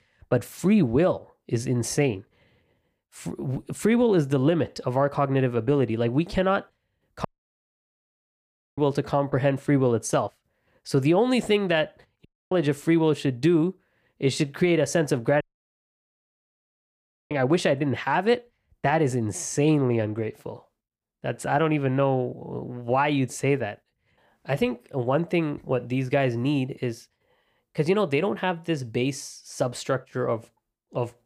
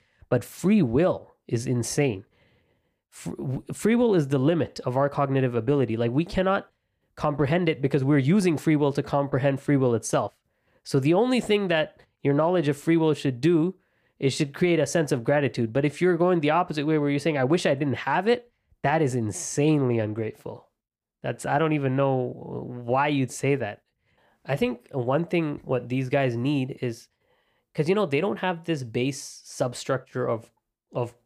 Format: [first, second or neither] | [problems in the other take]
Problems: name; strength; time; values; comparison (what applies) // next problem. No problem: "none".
second | audio cutting out; at 7.5 s for 1.5 s, at 12 s and at 15 s for 2 s